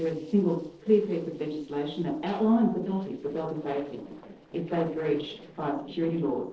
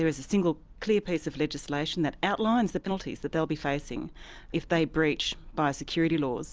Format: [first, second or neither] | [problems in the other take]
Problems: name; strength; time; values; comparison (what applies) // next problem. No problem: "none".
second | noise reduction (neural separator model SepFormer DNS4)